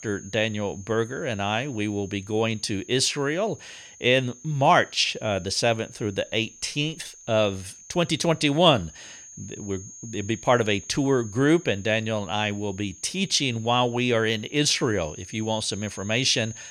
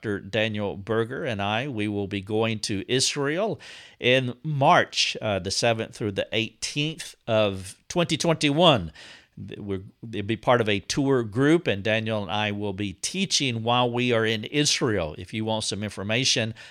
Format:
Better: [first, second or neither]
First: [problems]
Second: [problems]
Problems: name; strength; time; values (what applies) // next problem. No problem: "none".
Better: second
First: high-pitched whine; noticeable; throughout; 6.5 kHz, 20 dB below the speech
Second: none